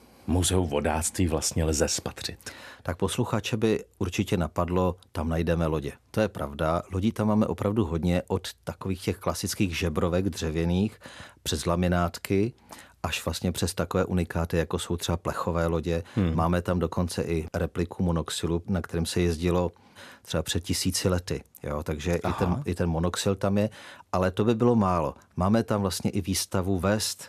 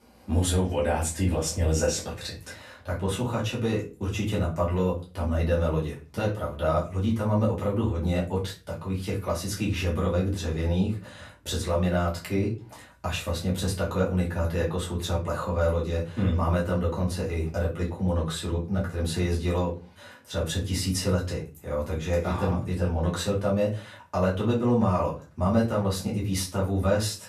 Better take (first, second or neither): first